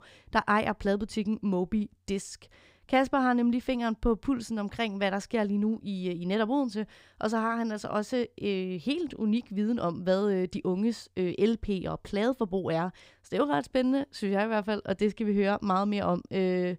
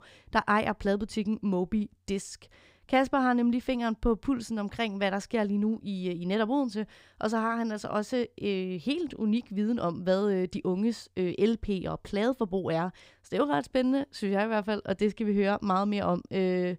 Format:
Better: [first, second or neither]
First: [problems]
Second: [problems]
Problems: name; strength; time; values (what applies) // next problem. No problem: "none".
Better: neither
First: none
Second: none